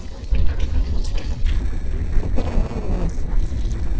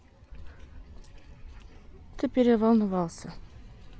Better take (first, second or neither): second